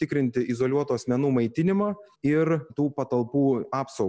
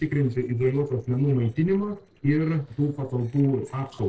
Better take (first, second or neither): first